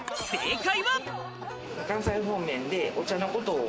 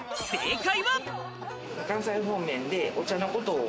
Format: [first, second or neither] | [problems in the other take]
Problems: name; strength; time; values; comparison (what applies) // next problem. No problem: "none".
second | background sound (Drawer open or close); 15 dB below the speech